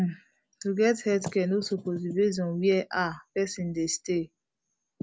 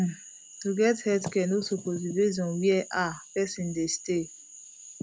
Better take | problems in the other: first | background sound (Cricket / Frog); 19 dB below the speech

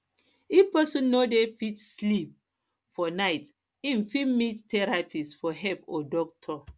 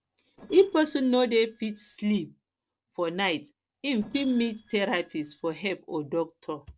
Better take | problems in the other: first | noise reduction (neural separator model SepFormer DNS4)

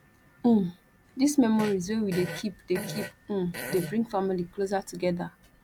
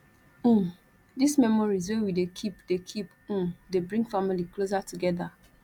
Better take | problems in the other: second | background sound (Fart); 12 dB below the speech

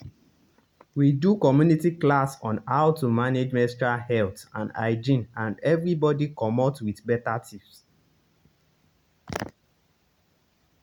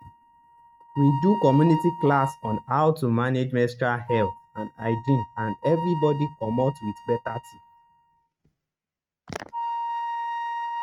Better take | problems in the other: first | noise reduction (neural mask model RNNoise)

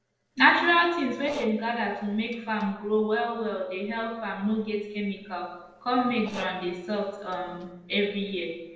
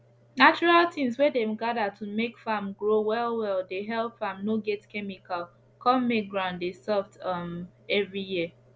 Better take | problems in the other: second | noise reduction (neural separator model SepFormer DNS4)

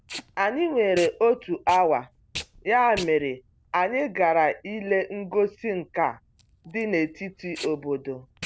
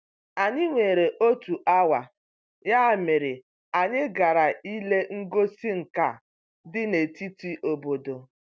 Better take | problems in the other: second | background sound (Packing tape, duct tape); 18 dB below the speech

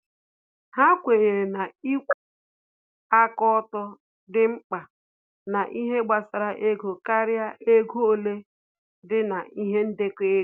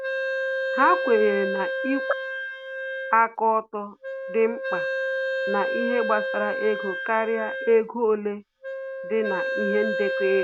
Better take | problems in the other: first | background sound (Wind instrument, woodwind instrument); 3 dB below the speech

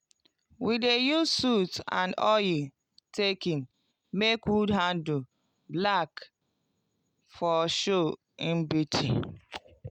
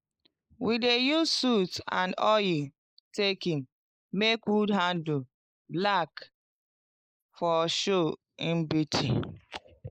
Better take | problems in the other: first | noise reduction (neural mask model Resemble Enhance denoiser)

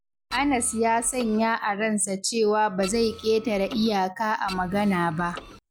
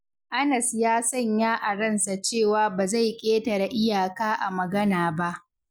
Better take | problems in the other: second | background sound (Printer); 17 dB below the speech

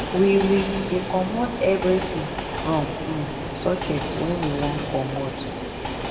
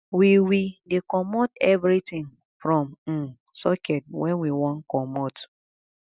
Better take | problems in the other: second | background sound (Train); 5 dB below the speech // room echo; dies away in 1.5 s

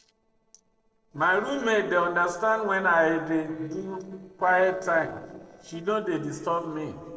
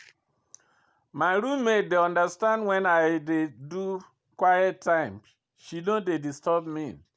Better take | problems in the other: second | noise reduction (neural separator model SepFormer DNS4)

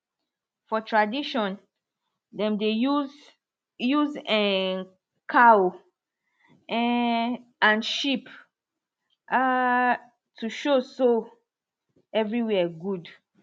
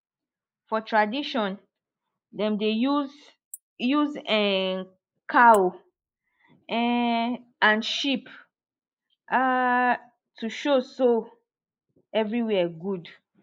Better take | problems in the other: first | noise reduction (neural mask model Resemble Enhance denoiser)

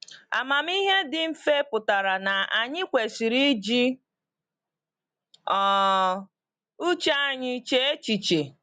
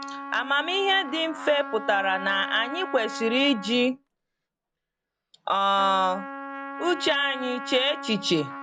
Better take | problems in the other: first | background sound (Trumpet); 11 dB below the speech

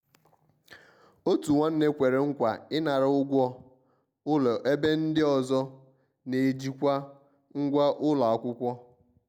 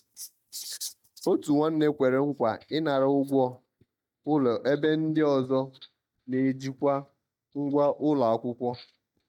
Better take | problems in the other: first | noise reduction (neural mask model DeepFilterNet 3)

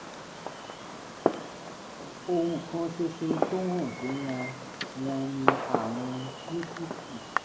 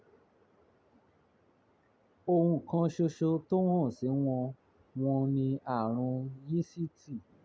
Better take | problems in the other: second | background sound (Fireworks); as loud as the speech // room echo; dies away in 0.8 s

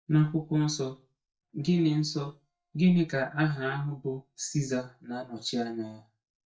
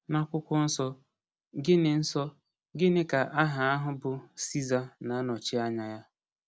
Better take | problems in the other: second | noise reduction (neural mask model DeepFilterNet 3)

